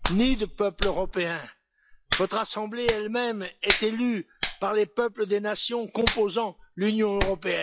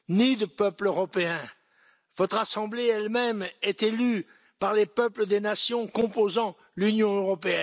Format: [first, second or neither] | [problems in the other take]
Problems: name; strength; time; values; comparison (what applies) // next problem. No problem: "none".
second | noise reduction (classical method log-MMSE)